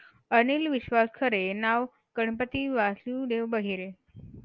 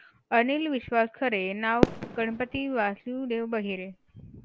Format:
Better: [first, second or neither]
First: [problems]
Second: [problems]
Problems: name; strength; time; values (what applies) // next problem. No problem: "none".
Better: first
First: none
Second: background sound (Fireworks); 3 dB below the speech